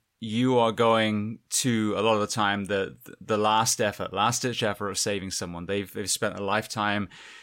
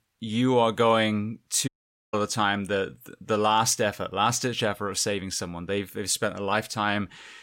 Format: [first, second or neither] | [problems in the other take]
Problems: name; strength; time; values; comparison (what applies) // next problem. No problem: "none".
first | audio cutting out; at 1.5 s